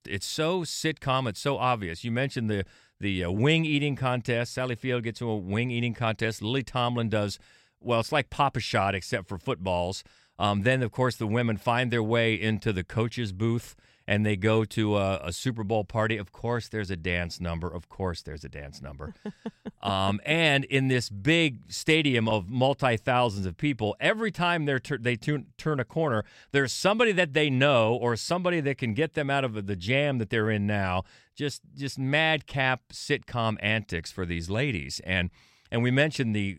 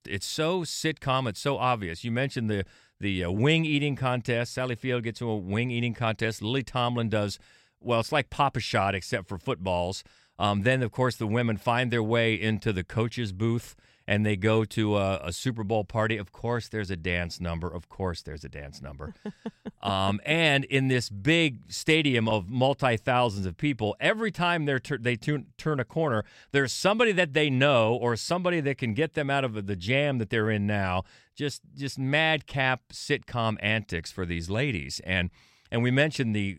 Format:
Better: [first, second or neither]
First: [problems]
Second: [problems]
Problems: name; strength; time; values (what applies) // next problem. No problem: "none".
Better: neither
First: none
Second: none